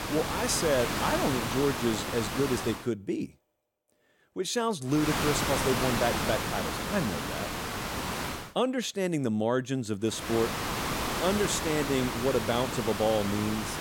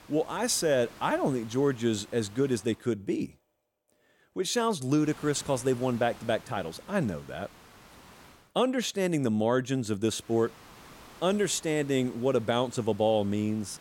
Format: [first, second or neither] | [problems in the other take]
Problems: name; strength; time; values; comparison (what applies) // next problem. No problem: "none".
second | hiss; loud; until 3 s, from 5 to 8.5 s and from 10 s on; 2 dB below the speech; faint in the second